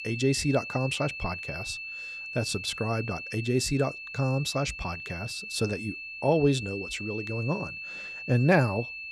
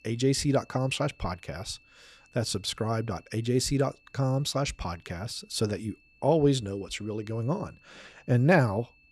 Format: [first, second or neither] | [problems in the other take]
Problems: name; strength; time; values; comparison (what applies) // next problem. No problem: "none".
second | high-pitched whine; loud; throughout; 2.5 kHz, 8 dB below the speech; faint in the second